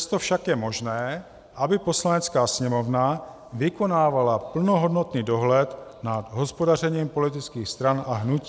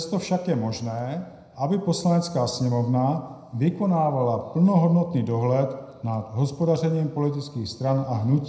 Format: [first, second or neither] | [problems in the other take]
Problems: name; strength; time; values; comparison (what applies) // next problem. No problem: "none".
first | room echo; dies away in 0.7 s